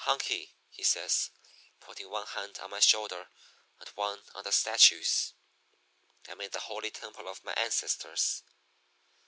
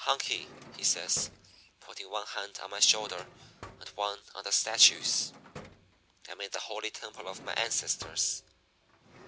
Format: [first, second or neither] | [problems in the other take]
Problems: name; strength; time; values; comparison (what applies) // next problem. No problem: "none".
first | background sound (Drawer open or close); 19 dB below the speech